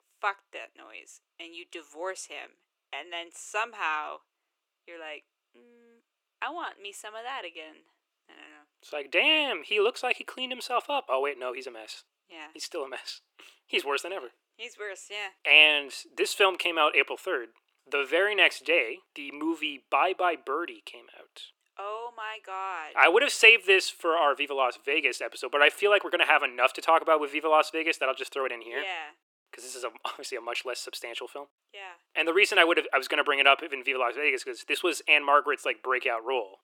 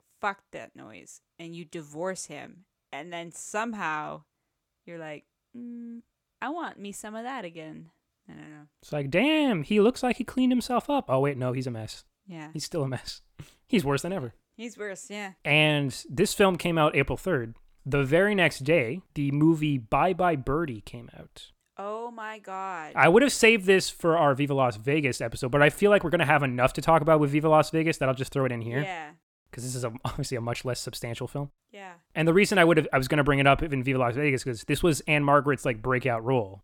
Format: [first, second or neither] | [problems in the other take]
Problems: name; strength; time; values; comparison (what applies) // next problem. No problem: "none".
second | thin; very; fading below 350 Hz